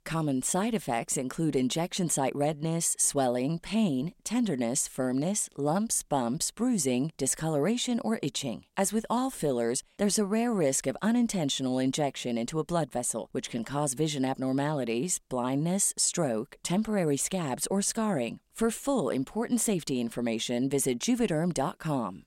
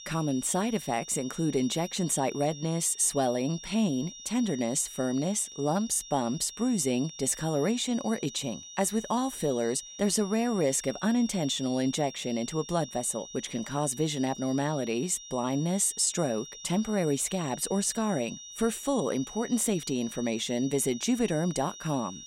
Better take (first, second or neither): first